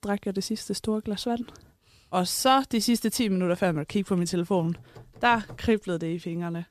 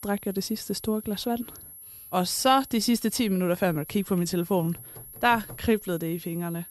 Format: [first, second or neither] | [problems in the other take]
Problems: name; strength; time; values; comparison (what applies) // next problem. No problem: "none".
first | high-pitched whine; noticeable; throughout; 11.5 kHz, 15 dB below the speech